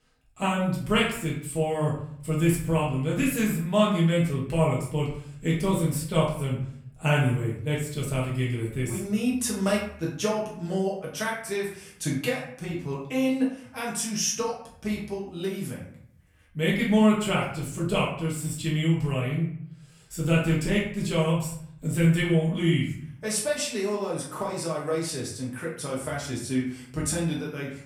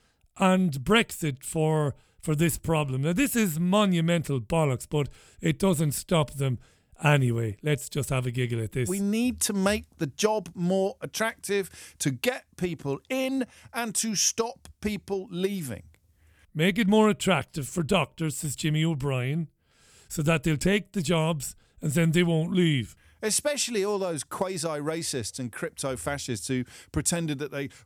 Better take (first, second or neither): second